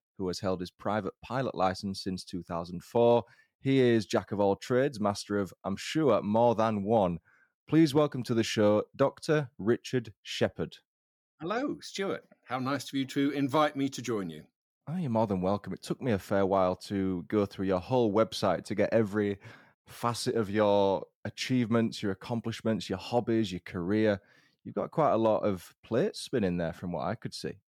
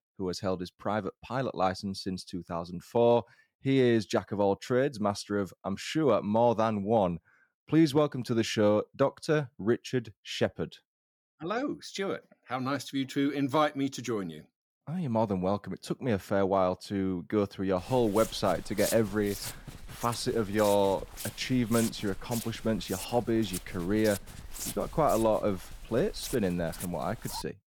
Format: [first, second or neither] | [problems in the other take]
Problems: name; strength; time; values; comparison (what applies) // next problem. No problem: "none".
first | footsteps; noticeable; from 18 s on; peak 5 dB below the speech